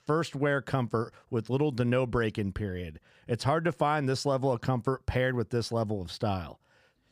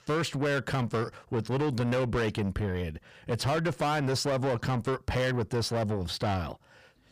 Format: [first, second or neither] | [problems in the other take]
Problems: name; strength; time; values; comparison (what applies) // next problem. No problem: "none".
first | distortion; heavy; 7 dB below the speech